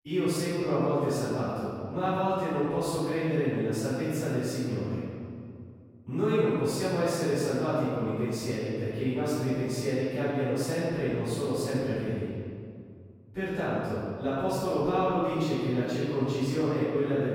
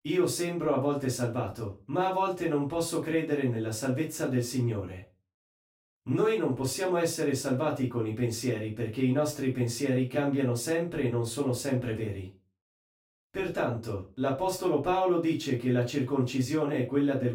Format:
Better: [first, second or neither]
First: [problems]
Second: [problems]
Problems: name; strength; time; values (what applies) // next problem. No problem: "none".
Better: second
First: room echo; strong; dies away in 2.1 s // off-mic speech; far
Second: room echo; slight; dies away in 0.2 s // off-mic speech; far